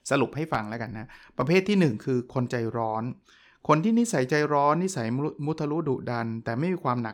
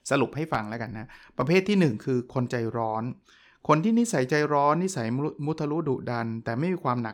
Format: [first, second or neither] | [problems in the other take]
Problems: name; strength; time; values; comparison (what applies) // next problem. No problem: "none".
neither | none